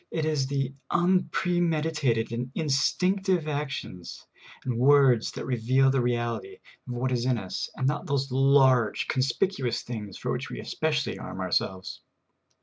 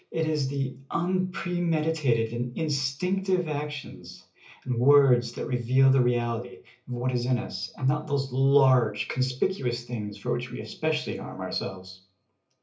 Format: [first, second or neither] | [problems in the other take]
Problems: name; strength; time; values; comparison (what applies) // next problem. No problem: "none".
first | room echo; dies away in 0.3 s